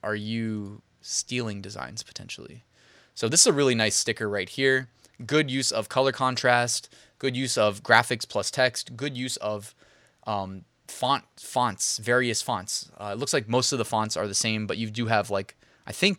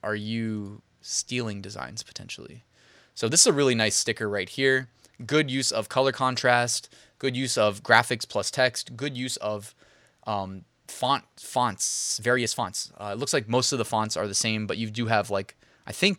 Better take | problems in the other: first | audio freezing; at 12 s

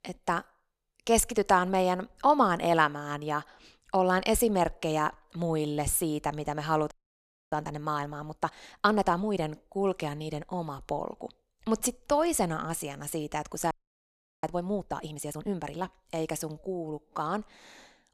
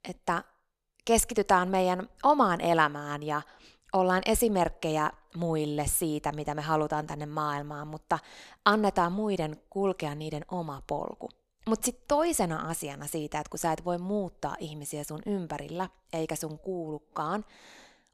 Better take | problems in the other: second | audio freezing; at 7 s for 0.5 s and at 14 s for 0.5 s

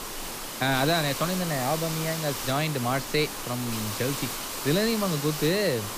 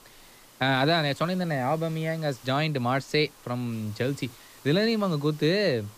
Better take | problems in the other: second | hiss; loud; throughout; 5 dB below the speech; faint in the second

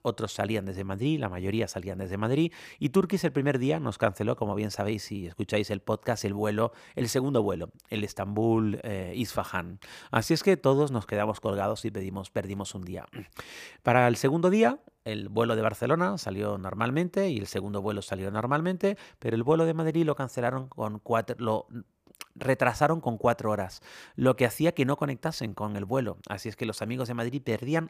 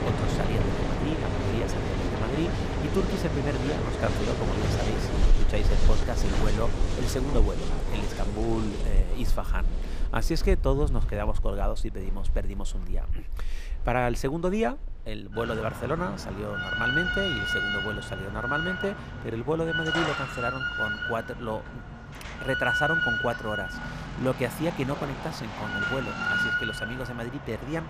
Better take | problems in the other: first | machinery noise; very loud; throughout; 2 dB above the speech

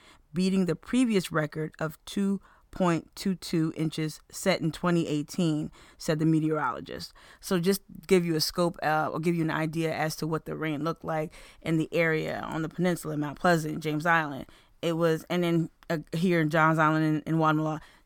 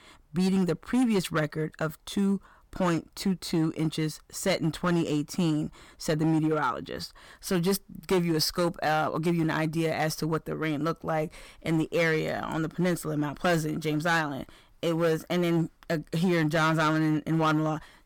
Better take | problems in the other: first | distortion; slight; 8% of the sound clipped

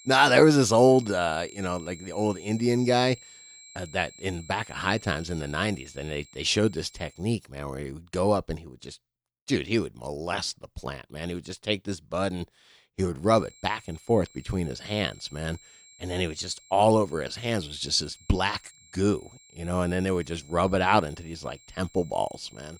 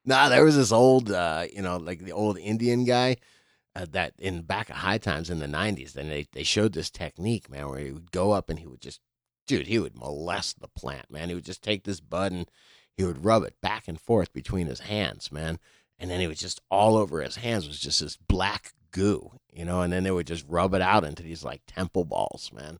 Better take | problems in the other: second | high-pitched whine; faint; until 7 s and from 13 s on; 7.5 kHz, 25 dB below the speech

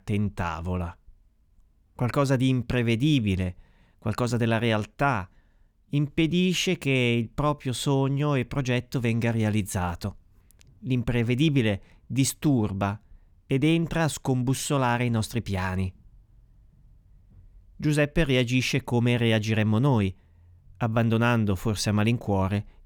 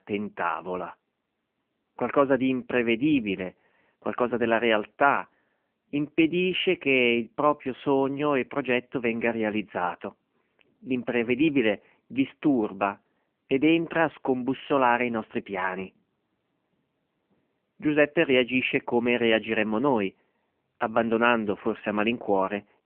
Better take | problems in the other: first | phone-call audio; poor line; nothing above 3 kHz

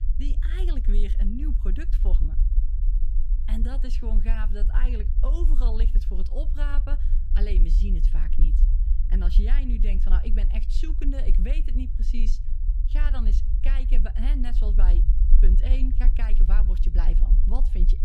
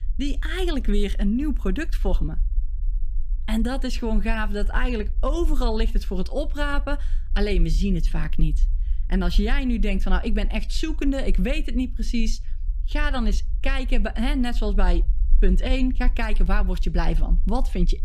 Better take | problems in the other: second | low rumble; loud; throughout; 7 dB below the speech; faint in the second

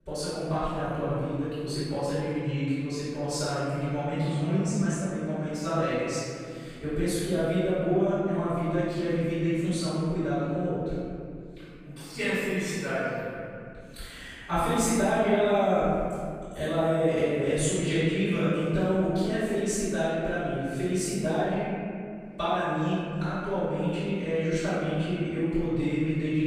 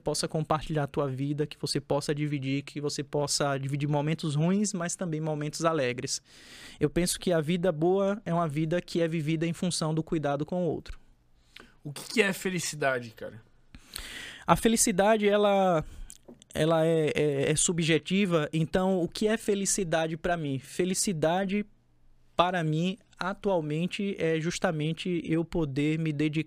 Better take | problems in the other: second | room echo; strong; dies away in 2.3 s // off-mic speech; far

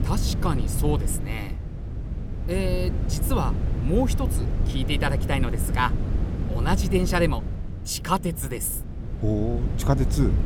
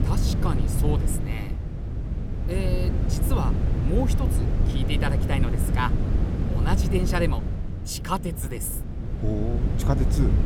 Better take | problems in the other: first | wind noise on the microphone; heavy; 5 dB below the speech; occasional gusts in the first

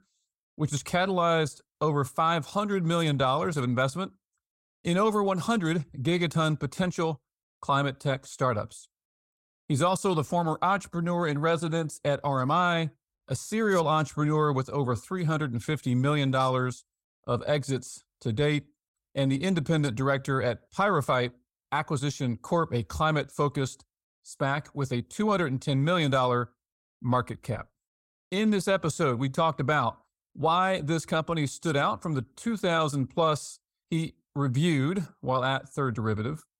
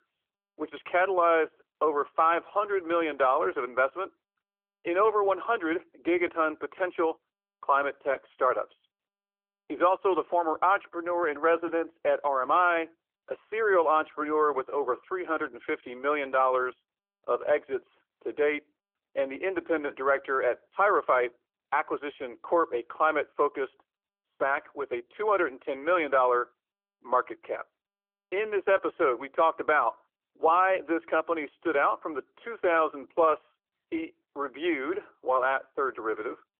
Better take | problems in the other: first | phone-call audio; nothing above 3.5 kHz

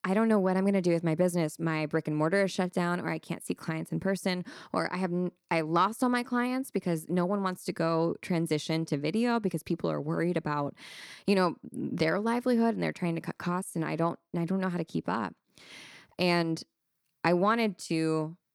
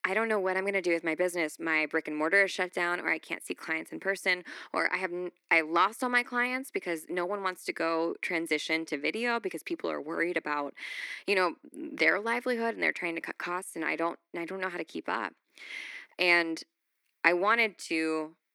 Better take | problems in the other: first | thin; somewhat; fading below 300 Hz

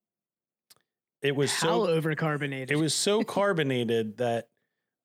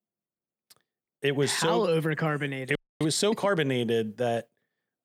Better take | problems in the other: first | audio freezing; at 3 s

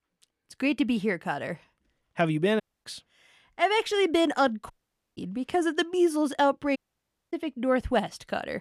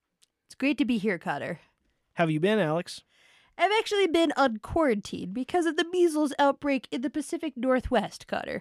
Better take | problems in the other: second | audio cutting out; at 2.5 s, at 4.5 s and at 7 s for 0.5 s

